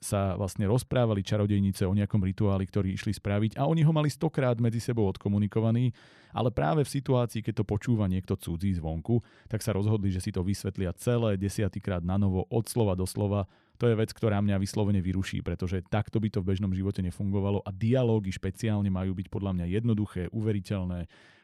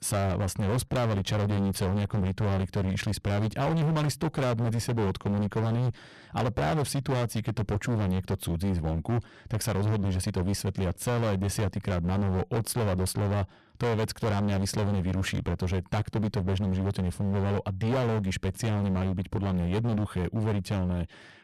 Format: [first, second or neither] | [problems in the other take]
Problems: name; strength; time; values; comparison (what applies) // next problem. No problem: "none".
first | distortion; heavy; 27% of the sound clipped